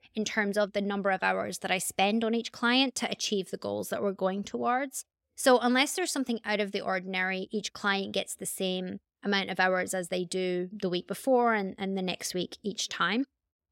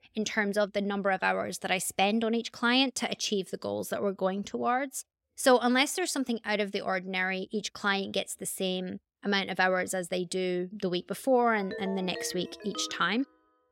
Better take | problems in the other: first | phone ringing; faint; from 12 to 13 s; peak 10 dB below the speech

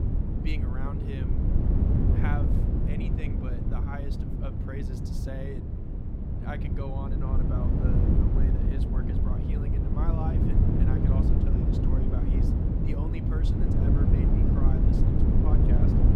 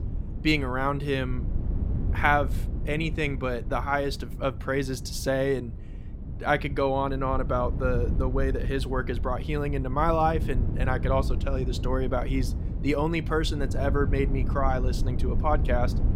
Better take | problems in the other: second | wind noise on the microphone; heavy; 5 dB above the speech; occasional gusts in the second

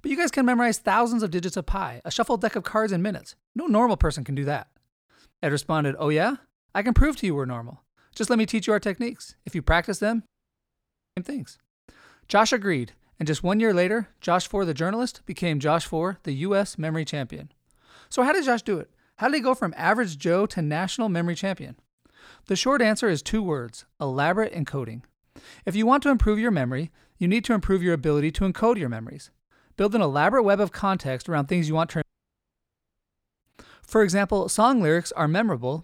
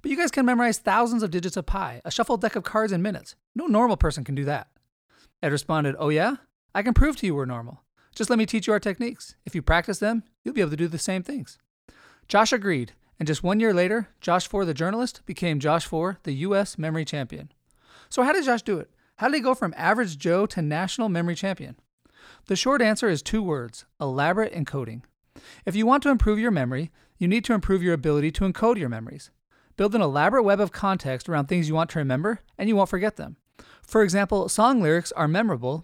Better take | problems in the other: second | audio cutting out; at 10 s for 1 s and at 32 s for 1.5 s

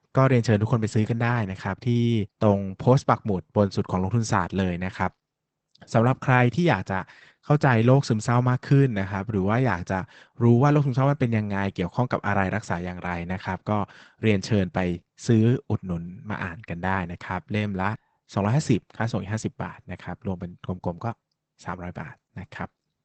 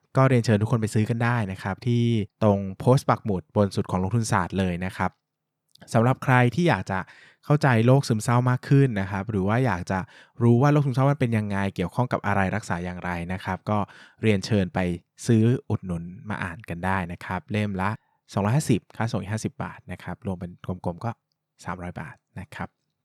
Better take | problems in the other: second | garbled, watery; badly; nothing above 8 kHz

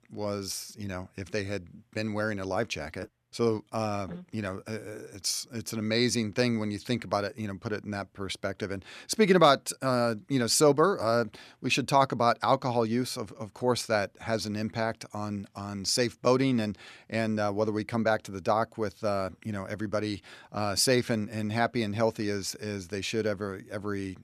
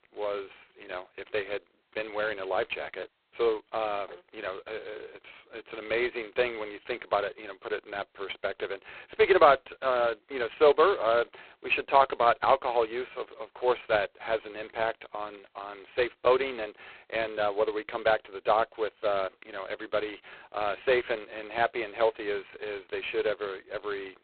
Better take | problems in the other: first | phone-call audio; poor line; nothing above 4 kHz

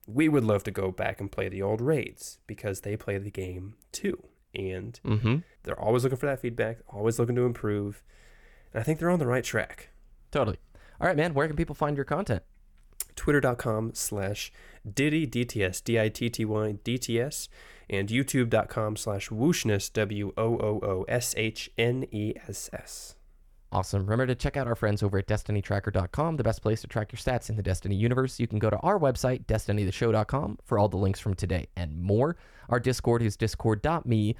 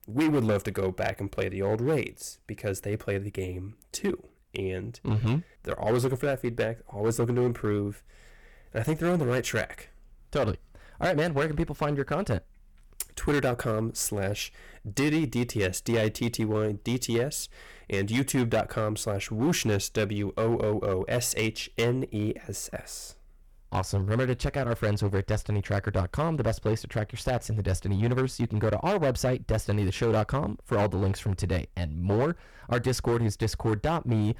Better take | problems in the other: first | distortion; slight; 7% of the sound clipped

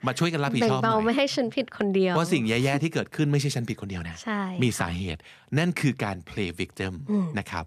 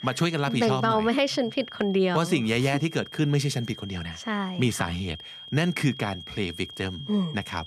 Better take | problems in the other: first | high-pitched whine; noticeable; throughout; 3 kHz, 15 dB below the speech

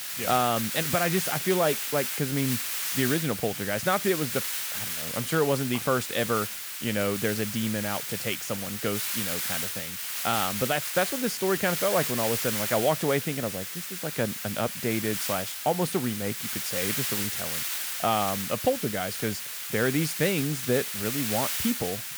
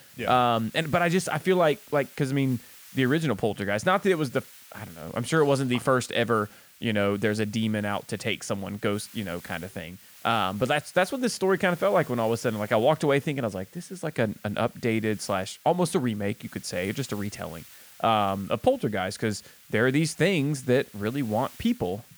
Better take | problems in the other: second | hiss; loud; throughout; as loud as the speech; faint in the second

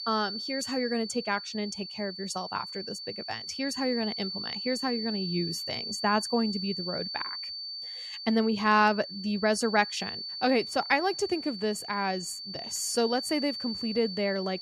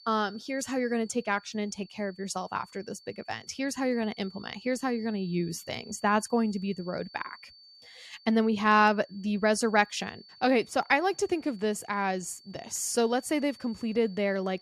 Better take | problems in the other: second | high-pitched whine; loud; throughout; 4.5 kHz, 6 dB below the speech; faint in the second

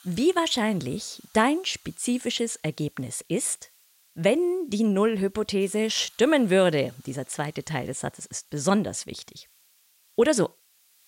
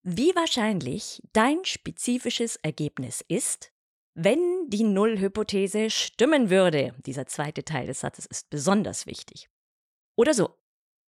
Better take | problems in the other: second | hiss; faint; throughout; 30 dB below the speech

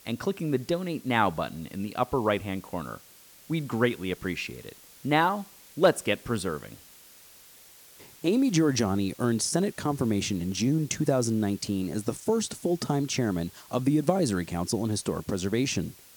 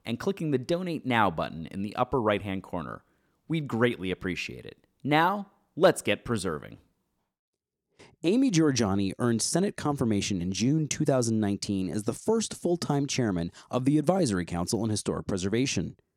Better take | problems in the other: second | hiss; faint; throughout; 20 dB below the speech

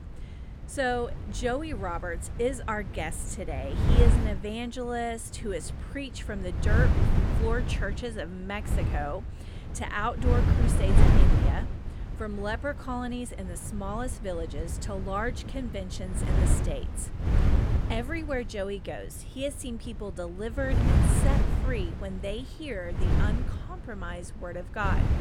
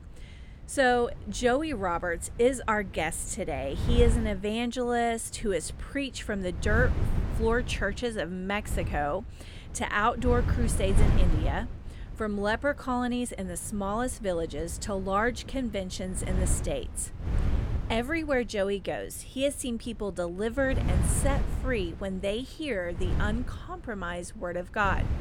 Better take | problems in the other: second | wind noise on the microphone; heavy; 5 dB below the speech; occasional gusts in the second

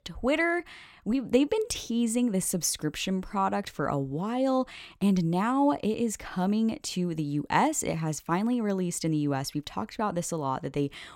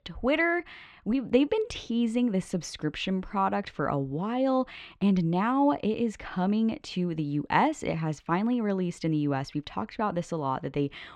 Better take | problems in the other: first | muffled; slightly; fading above 3 kHz

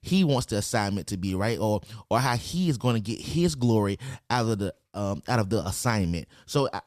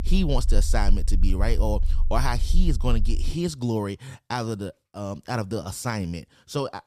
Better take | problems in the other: first | low rumble; noticeable; until 3.5 s; 20 dB below the speech

